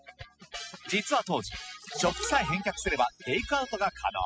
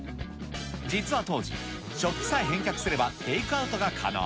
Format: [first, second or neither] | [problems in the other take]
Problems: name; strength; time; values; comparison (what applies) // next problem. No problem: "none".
second | noise reduction (classical method spectral subtraction)